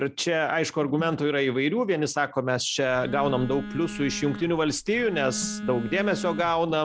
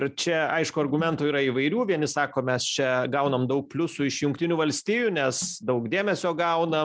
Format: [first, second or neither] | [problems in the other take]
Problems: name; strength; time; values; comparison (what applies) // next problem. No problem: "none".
second | background sound (Telephone); 11 dB below the speech